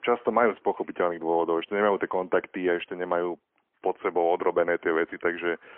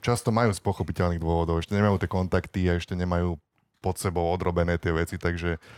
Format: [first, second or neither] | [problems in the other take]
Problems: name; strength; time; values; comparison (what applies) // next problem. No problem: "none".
second | phone-call audio; poor line; nothing above 3 kHz